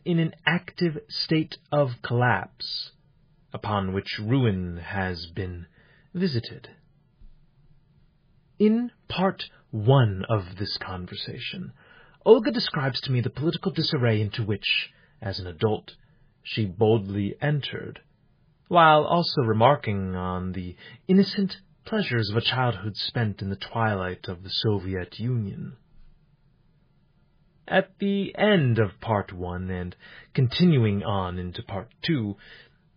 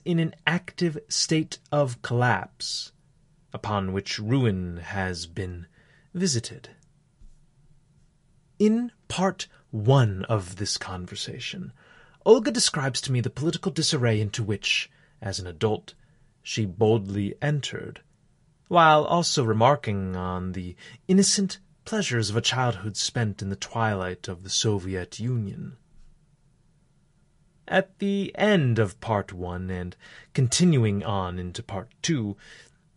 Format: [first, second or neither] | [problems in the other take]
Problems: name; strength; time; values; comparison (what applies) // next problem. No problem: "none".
second | garbled, watery; badly; nothing above 5 kHz; slightly in the second